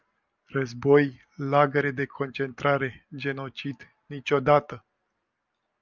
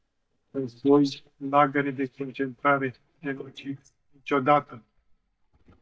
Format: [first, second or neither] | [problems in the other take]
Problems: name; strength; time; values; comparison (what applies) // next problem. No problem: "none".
first | noise reduction (neural mask model DeepFilterNet 3)